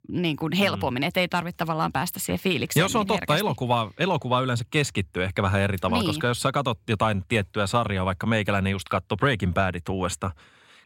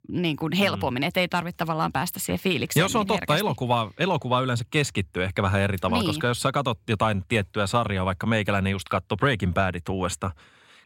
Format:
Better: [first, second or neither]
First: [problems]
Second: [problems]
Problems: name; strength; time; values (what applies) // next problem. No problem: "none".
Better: neither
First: none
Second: none